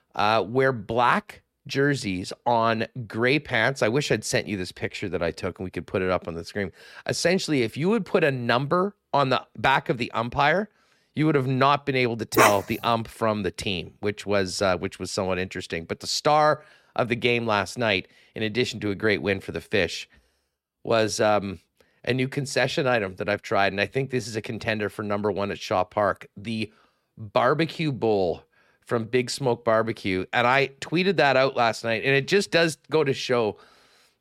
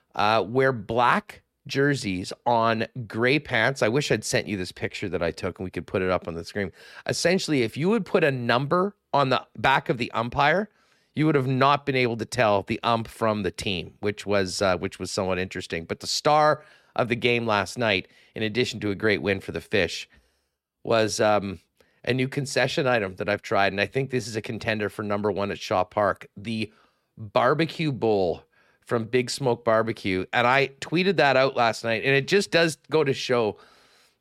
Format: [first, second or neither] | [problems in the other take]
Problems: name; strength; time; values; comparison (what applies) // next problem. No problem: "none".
second | dog barking; loud; at 12 s; peak 4 dB above the speech